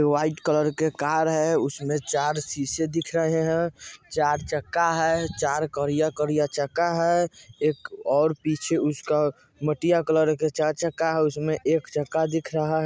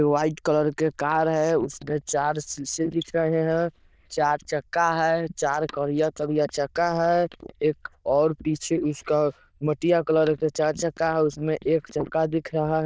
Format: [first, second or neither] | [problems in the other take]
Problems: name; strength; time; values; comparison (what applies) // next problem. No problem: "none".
first | noise reduction (neural diffusion model UNIVERSE++)